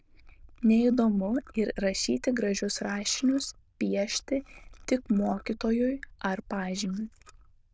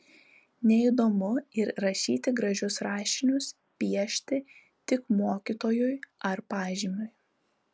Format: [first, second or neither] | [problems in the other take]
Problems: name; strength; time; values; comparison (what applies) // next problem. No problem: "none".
second | noise reduction (neural diffusion model UNIVERSE++)